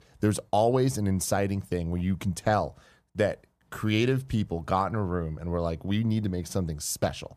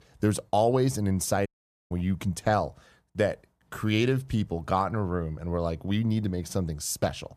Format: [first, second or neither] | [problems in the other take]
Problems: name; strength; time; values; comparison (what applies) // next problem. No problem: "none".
first | audio cutting out; at 1.5 s